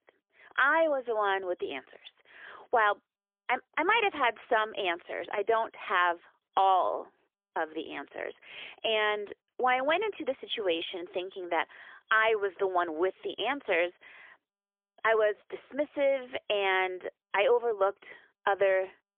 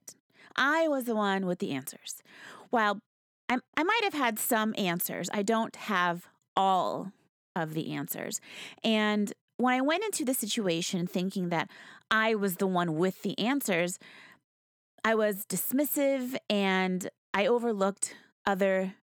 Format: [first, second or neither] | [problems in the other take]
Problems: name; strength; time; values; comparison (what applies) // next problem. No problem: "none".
second | phone-call audio; poor line; nothing above 3.5 kHz